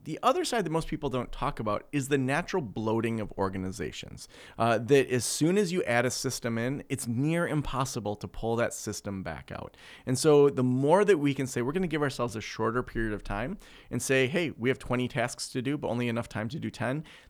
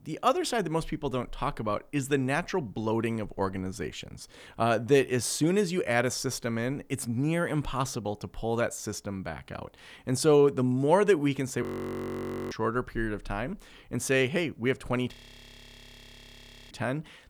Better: first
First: none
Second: audio freezing; at 12 s for 1 s and at 15 s for 1.5 s

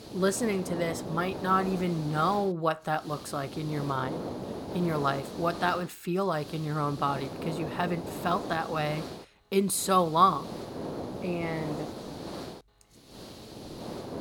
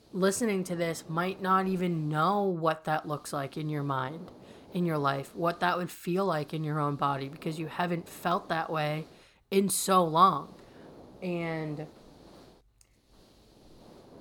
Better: second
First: hiss; loud; throughout; 9 dB below the speech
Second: hiss; faint; throughout; 25 dB below the speech

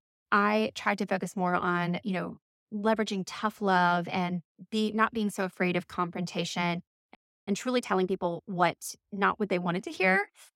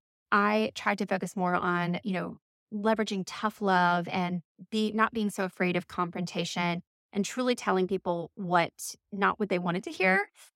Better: second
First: audio freezing; at 7 s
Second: none

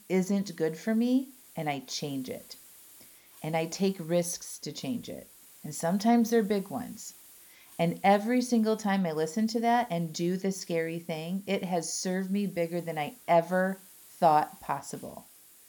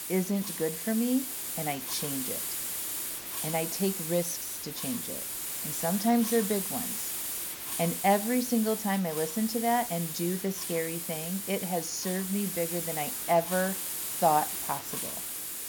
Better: first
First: hiss; faint; throughout; 25 dB below the speech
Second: hiss; loud; throughout; 2 dB below the speech

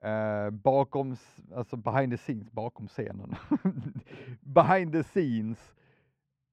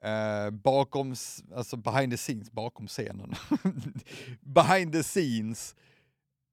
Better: second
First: muffled; very; fading above 4 kHz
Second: none

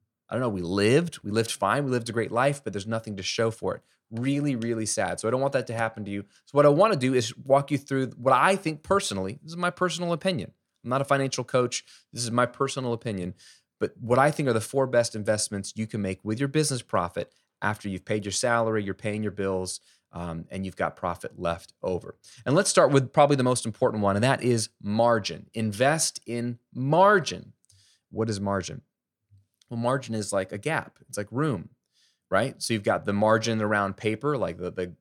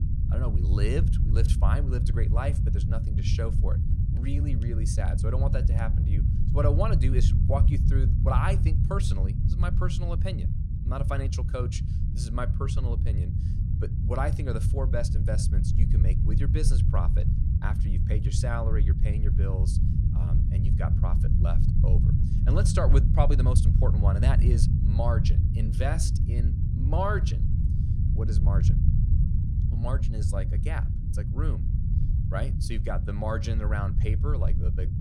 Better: first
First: none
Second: low rumble; loud; throughout; 5 dB below the speech

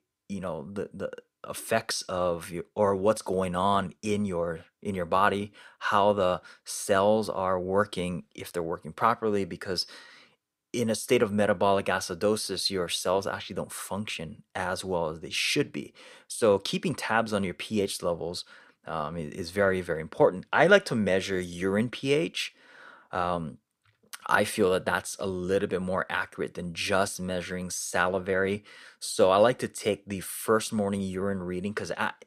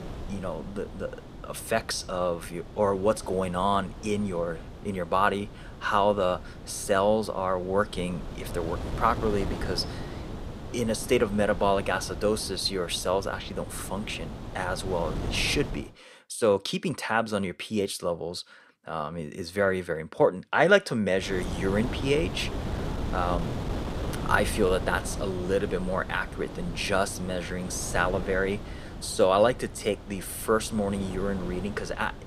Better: first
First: none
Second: wind noise on the microphone; occasional gusts; until 16 s and from 21 s on; 15 dB below the speech

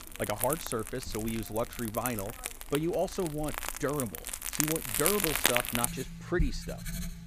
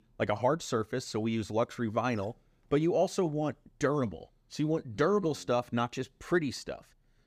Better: second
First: household noises; very loud; throughout; 1 dB above the speech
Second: none

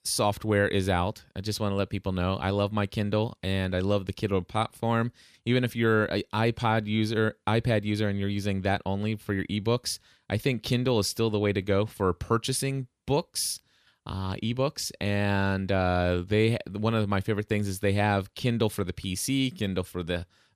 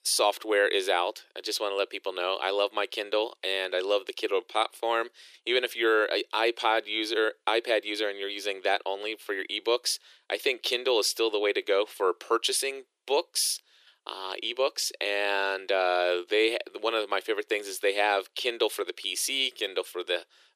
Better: first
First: none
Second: thin; very; fading below 350 Hz

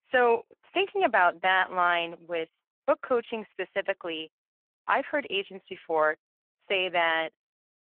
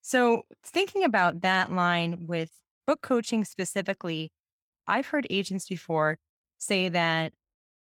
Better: second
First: phone-call audio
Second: none

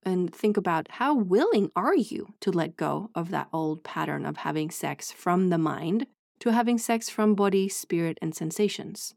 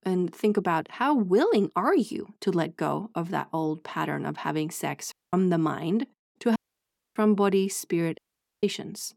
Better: first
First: none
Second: audio cutting out; at 5 s, at 6.5 s for 0.5 s and at 8 s

